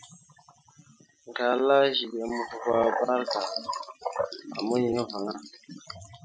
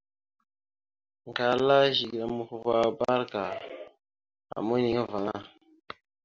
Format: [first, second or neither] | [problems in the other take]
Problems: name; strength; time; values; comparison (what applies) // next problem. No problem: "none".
second | noise reduction (classical method Wiener filter)